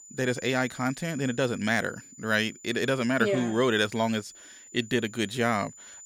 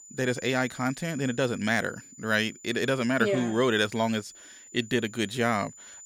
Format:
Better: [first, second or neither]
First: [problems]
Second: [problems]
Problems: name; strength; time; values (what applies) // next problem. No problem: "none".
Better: neither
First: high-pitched whine; noticeable; throughout; 7 kHz, 20 dB below the speech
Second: high-pitched whine; noticeable; throughout; 7 kHz, 20 dB below the speech